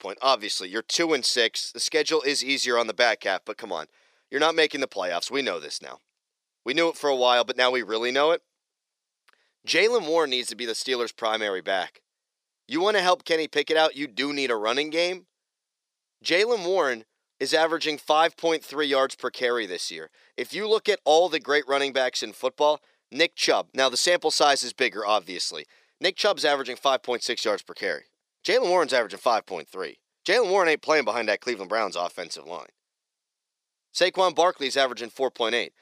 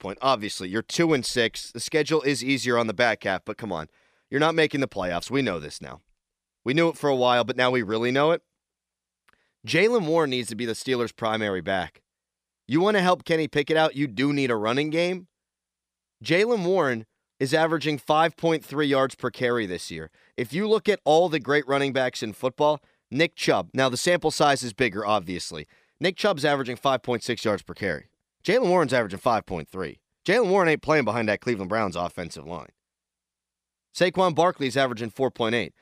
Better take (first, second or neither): second